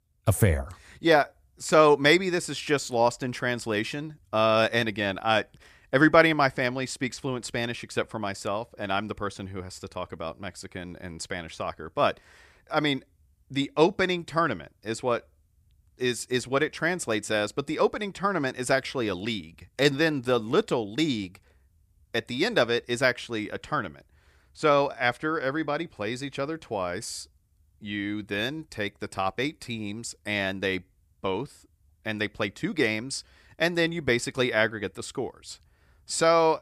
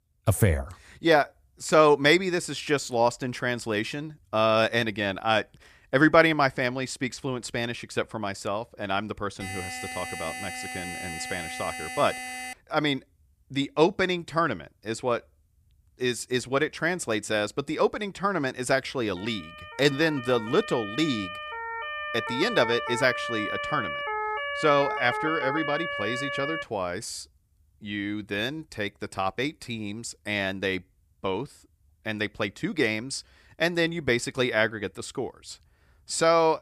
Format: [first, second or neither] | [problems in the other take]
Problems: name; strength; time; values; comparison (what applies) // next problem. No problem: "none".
first | alarm; noticeable; from 9.5 to 13 s; peak 8 dB below the speech // siren; noticeable; from 19 to 27 s; peak 3 dB below the speech